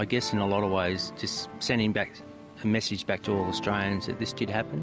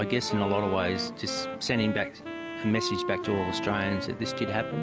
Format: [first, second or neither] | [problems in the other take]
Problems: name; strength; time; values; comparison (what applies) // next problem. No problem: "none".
first | background sound (Wind instrument, woodwind instrument); 6 dB below the speech